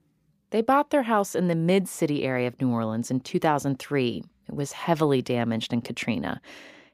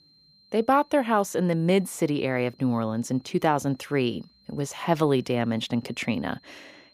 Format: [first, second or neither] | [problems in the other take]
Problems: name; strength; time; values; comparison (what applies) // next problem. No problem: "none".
first | high-pitched whine; faint; throughout; 4 kHz, 30 dB below the speech